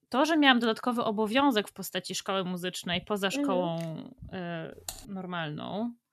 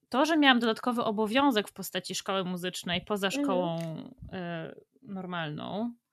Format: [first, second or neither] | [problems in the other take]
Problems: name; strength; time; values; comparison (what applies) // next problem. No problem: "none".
second | keyboard typing; faint; at 5 s; peak 15 dB below the speech